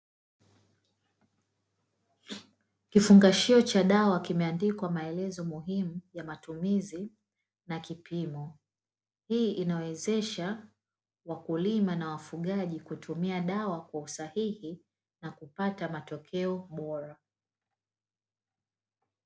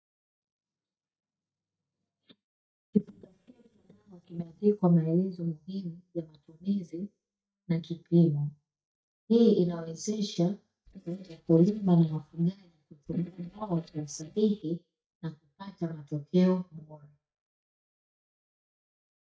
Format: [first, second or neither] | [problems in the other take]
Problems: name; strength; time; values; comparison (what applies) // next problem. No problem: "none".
first | noise reduction (neural mask model DeepFilterNet 3)